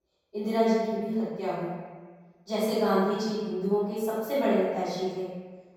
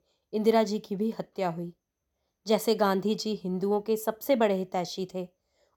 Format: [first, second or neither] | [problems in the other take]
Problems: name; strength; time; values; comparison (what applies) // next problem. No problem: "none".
second | off-mic speech; far // room echo; strong; dies away in 1.3 s